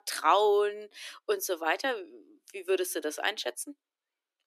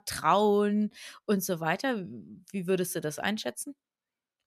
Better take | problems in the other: second | thin; very; fading below 300 Hz

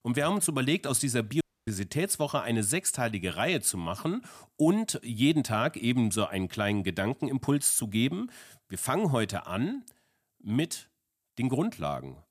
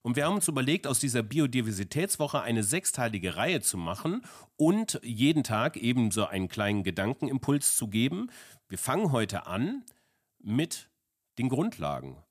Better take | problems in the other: second | audio cutting out; at 1.5 s

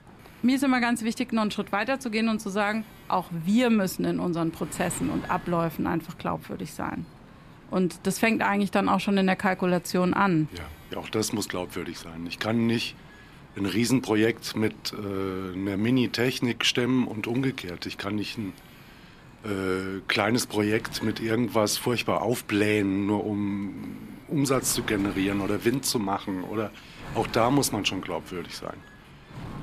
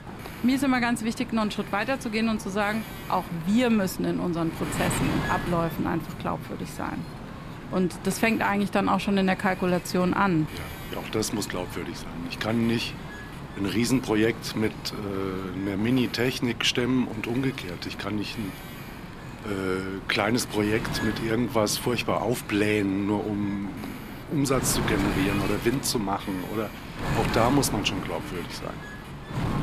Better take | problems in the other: first | wind noise on the microphone; heavy; 9 dB below the speech; occasional gusts in the first

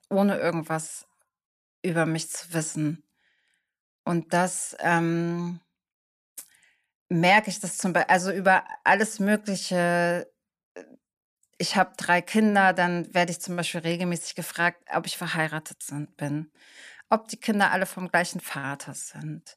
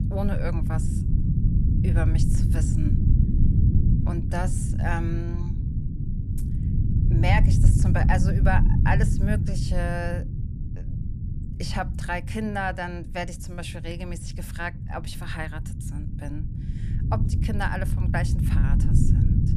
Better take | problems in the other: first | low rumble; loud; throughout; 6 dB below the speech

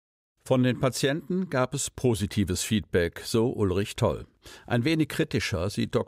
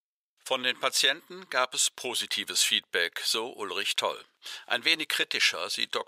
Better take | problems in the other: first | thin; very; fading below 900 Hz

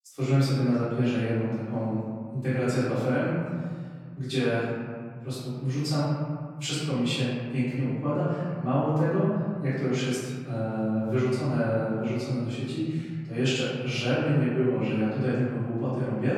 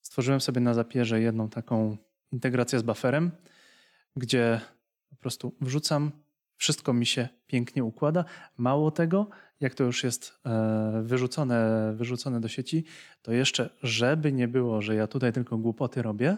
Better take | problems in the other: second | off-mic speech; far // room echo; strong; dies away in 2 s

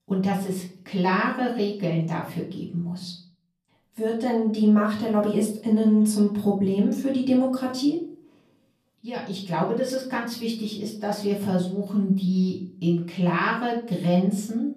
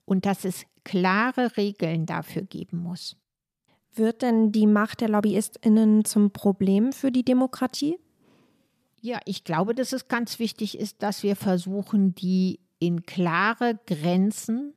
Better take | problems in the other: second | off-mic speech; far // room echo; slight; dies away in 0.4 s

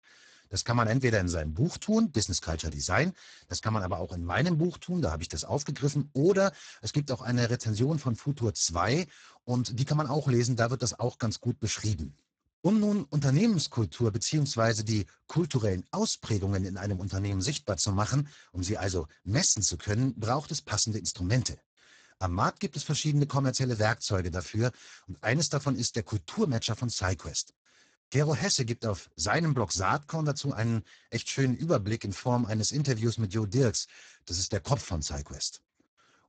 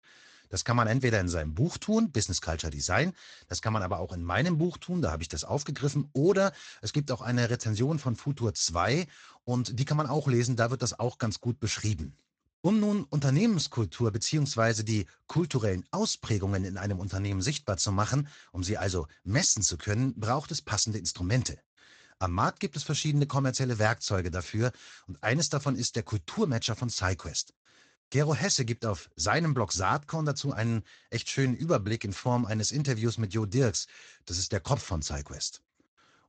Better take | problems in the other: second | garbled, watery; badly; nothing above 7.5 kHz; slightly in the second

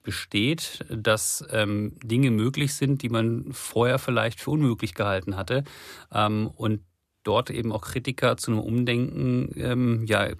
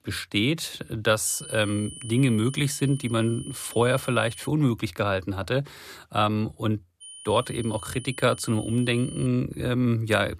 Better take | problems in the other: first | high-pitched whine; noticeable; from 1.5 to 4.5 s and from 7 to 9.5 s; 9.5 kHz, 15 dB below the speech

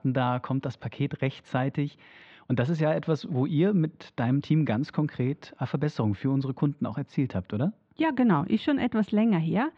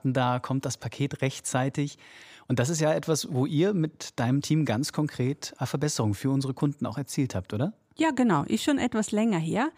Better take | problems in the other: second | muffled; very; fading above 3.5 kHz

